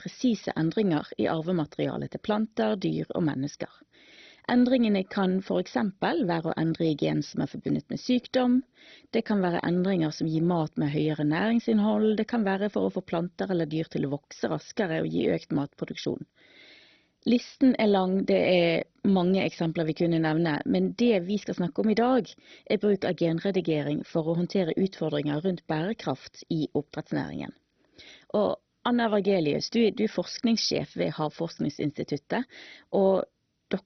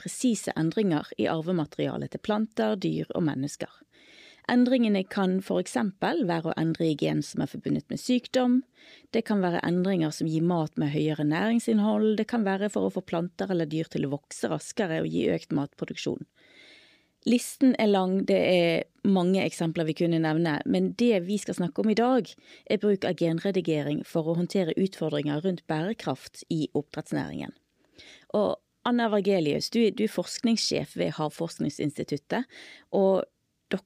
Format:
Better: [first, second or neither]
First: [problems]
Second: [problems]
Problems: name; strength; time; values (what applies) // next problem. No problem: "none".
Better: second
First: garbled, watery; badly; nothing above 6 kHz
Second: none